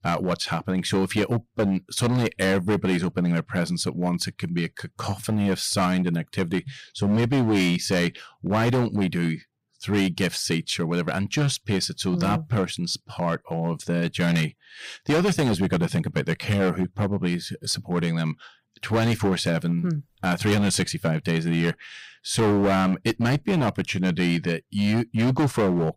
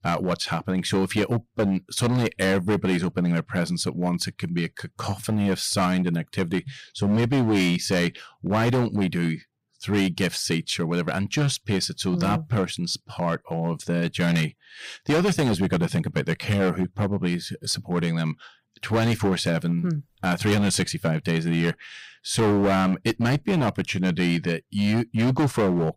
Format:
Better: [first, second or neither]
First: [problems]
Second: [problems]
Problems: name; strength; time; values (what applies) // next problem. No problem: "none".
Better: neither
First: distortion; heavy; 11% of the sound clipped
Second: distortion; heavy; 11% of the sound clipped